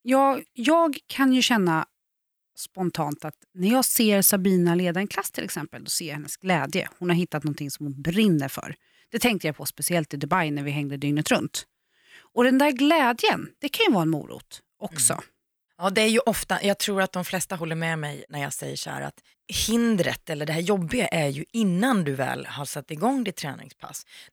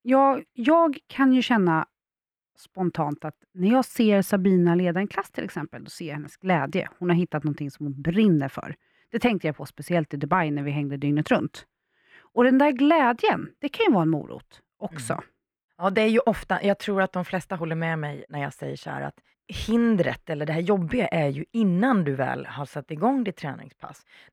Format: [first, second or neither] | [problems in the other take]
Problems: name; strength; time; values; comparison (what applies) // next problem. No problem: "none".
first | muffled; very; fading above 3.5 kHz